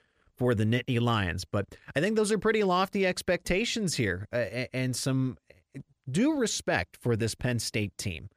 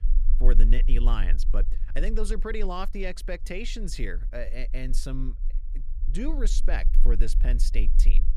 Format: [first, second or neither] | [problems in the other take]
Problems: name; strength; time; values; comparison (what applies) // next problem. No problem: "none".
first | low rumble; noticeable; throughout; 20 dB below the speech